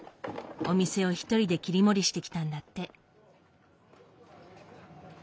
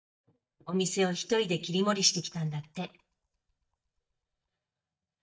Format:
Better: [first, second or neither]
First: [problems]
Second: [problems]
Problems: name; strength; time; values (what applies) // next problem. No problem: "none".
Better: first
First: none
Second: noise reduction (neural mask model DeepFilterNet 3)